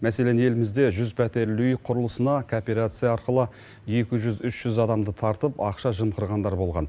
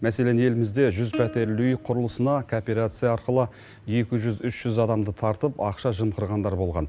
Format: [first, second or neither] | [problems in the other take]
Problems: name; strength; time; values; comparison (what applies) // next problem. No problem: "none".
first | background sound (Plucked string instrument); 17 dB below the speech